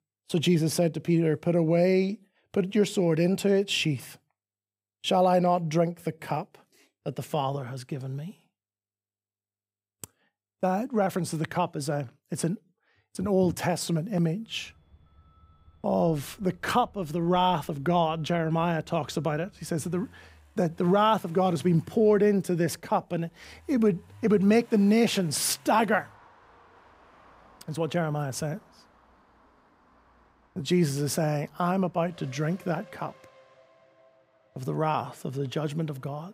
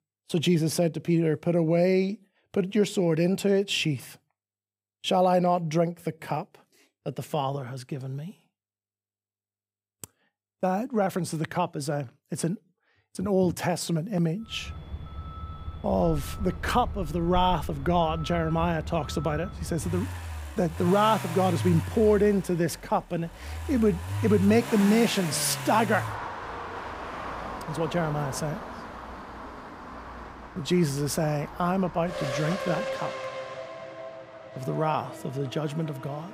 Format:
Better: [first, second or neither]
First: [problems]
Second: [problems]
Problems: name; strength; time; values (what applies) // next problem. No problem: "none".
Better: first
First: traffic noise; faint; from 15 s on; 30 dB below the speech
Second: traffic noise; loud; from 15 s on; 10 dB below the speech